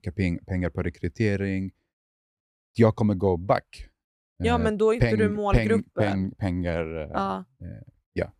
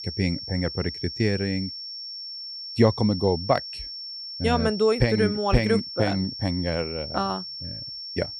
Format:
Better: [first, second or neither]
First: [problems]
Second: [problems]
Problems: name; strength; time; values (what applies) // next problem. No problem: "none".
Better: first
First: none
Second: high-pitched whine; loud; throughout; 5.5 kHz, 8 dB below the speech